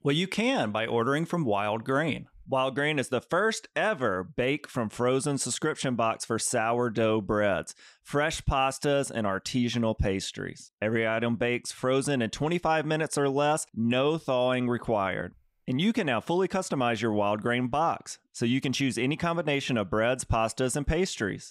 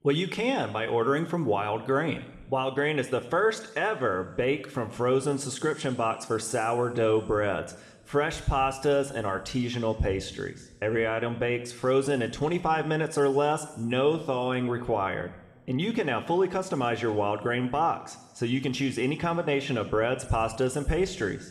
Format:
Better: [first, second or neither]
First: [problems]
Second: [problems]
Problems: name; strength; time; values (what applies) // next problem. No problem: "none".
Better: first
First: none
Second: room echo; slight; dies away in 1.6 s